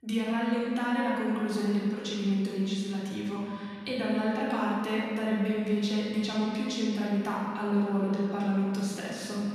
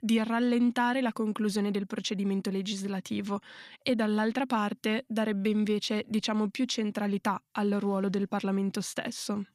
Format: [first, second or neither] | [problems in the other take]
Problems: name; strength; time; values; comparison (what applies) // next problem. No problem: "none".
second | off-mic speech; far // room echo; strong; dies away in 2.2 s